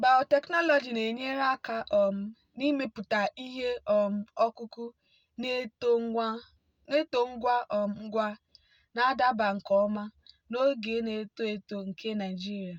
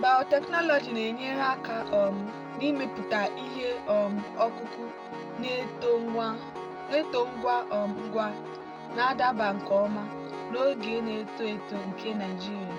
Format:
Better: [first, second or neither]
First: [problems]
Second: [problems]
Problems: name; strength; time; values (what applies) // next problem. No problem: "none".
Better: first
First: none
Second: background sound (Piano); 9 dB below the speech